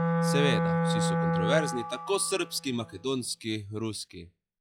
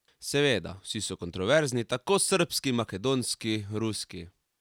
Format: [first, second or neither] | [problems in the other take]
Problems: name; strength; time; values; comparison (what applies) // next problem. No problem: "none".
second | noise reduction (classical method log-MMSE)